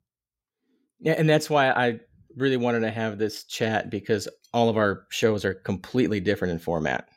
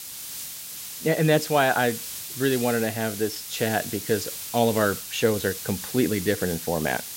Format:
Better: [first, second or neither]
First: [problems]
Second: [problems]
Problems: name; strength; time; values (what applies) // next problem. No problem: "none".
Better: first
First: none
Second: hiss; loud; throughout; 8 dB below the speech